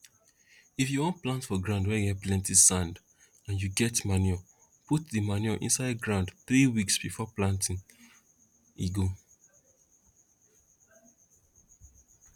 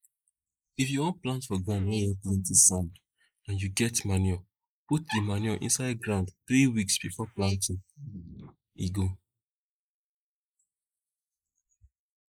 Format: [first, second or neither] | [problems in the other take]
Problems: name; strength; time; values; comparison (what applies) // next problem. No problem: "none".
first | noise reduction (neural mask model Resemble Enhance denoiser)